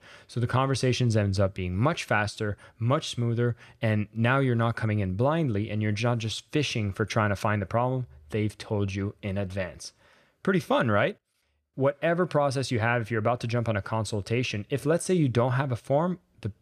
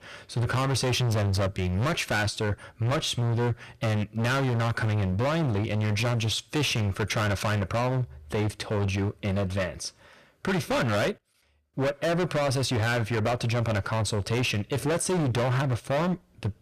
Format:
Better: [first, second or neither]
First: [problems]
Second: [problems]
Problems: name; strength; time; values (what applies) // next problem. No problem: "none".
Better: first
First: none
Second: distortion; heavy; 29% of the sound clipped